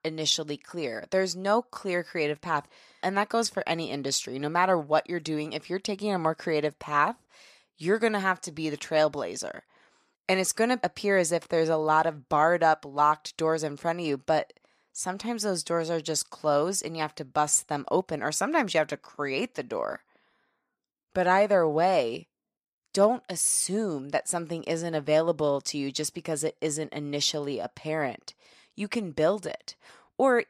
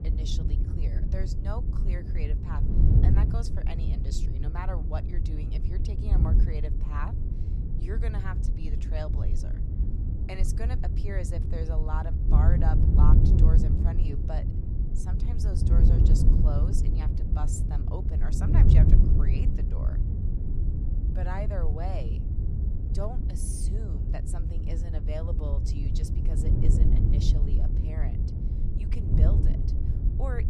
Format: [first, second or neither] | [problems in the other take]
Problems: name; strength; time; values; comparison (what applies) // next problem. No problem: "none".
first | wind noise on the microphone; heavy; as loud as the speech